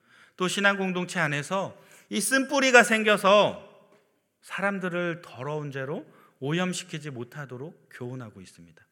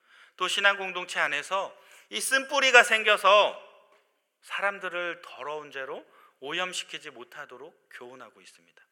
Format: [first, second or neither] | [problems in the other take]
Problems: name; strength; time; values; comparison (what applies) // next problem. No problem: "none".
first | thin; very; fading below 550 Hz